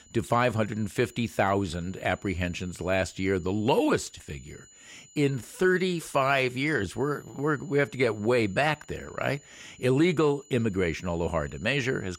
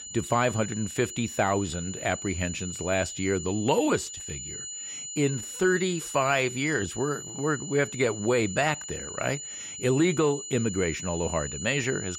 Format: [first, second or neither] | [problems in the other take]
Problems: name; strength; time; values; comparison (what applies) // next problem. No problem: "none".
first | high-pitched whine; loud; throughout; 7 kHz, 8 dB below the speech; faint in the first